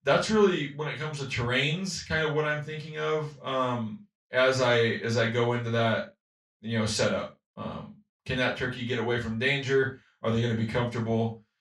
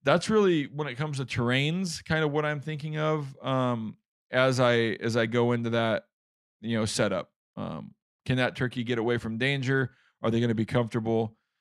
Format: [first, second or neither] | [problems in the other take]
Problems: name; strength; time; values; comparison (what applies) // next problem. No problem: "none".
second | room echo; noticeable; dies away in 0.2 s // off-mic speech; far